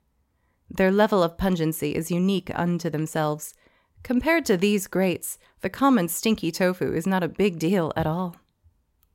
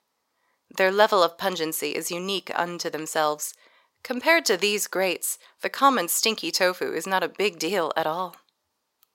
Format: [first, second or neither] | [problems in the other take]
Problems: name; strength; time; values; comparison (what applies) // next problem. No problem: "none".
first | thin; somewhat; fading below 500 Hz